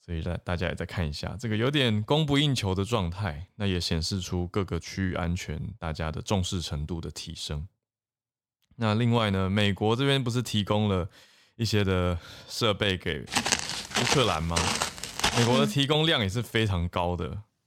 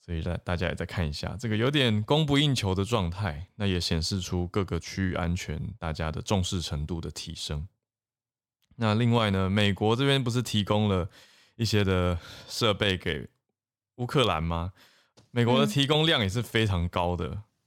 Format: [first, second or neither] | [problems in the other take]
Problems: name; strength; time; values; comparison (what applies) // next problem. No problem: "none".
second | footsteps; loud; from 13 to 16 s; peak 2 dB above the speech